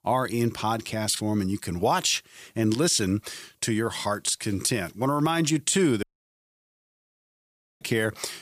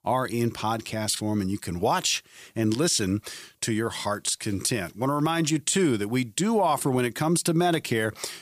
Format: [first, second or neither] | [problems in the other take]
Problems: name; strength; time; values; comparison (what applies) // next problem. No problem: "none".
second | audio cutting out; at 6 s for 2 s